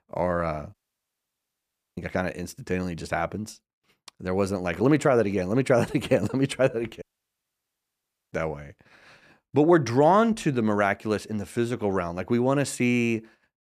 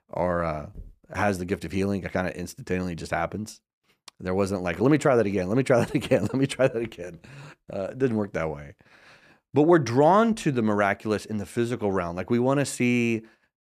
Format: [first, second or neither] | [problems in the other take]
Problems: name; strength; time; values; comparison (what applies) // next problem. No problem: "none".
second | audio cutting out; at 0.5 s for 1 s and at 7 s for 1.5 s